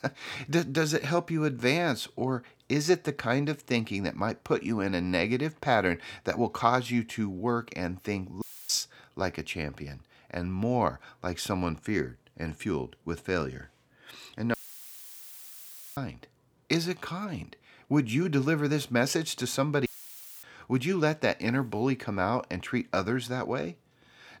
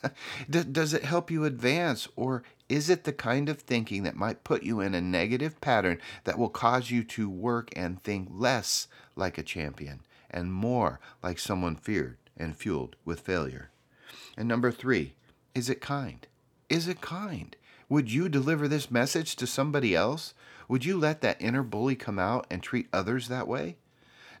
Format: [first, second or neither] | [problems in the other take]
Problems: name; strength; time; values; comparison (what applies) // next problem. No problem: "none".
second | audio cutting out; filled with static; at 8.5 s, at 15 s for 1.5 s and at 20 s for 0.5 s